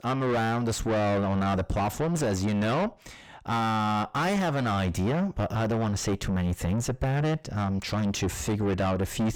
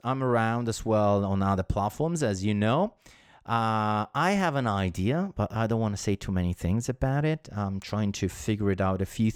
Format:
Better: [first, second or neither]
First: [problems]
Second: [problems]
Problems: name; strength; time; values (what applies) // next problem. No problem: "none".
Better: second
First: distortion; heavy; 5 dB below the speech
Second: none